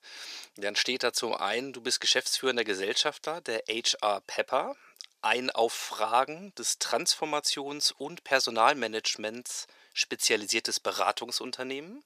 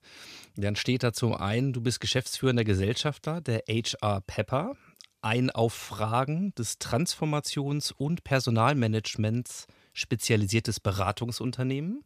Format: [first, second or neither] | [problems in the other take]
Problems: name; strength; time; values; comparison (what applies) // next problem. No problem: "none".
second | thin; very; fading below 400 Hz